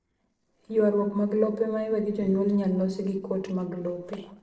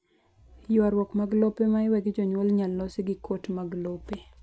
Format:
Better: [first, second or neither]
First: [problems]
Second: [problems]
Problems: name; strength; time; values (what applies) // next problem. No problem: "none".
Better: second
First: noise reduction (neural separator model SepFormer DNS4)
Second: none